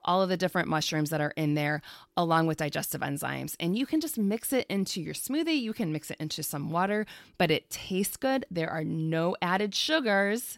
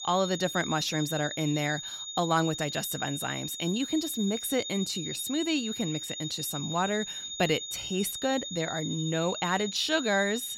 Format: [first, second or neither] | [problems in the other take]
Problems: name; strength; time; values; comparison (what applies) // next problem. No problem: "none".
first | high-pitched whine; loud; throughout; 3.5 kHz, 5 dB below the speech